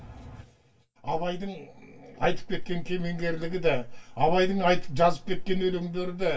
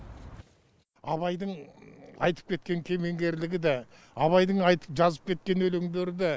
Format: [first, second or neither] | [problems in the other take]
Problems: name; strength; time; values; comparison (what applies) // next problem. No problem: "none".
second | room echo; dies away in 0.2 s